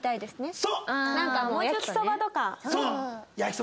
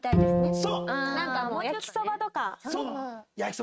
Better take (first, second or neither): first